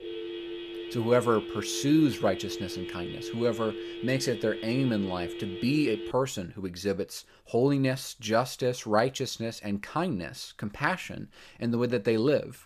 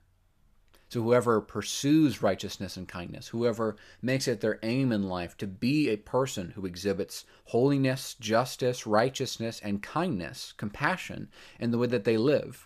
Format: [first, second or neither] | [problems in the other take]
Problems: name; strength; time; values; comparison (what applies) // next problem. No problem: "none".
second | phone ringing; noticeable; until 6 s; peak 8 dB below the speech